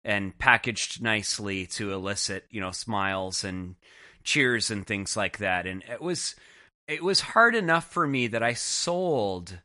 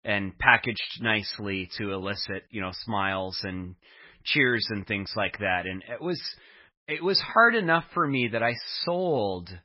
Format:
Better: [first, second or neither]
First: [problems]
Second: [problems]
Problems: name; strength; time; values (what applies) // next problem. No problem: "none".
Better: first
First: garbled, watery; slightly; nothing above 10.5 kHz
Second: garbled, watery; badly; nothing above 5.5 kHz